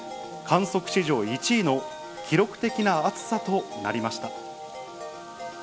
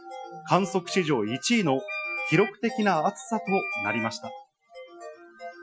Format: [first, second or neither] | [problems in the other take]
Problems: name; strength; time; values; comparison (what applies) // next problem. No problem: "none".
first | noise reduction (classical method Wiener filter)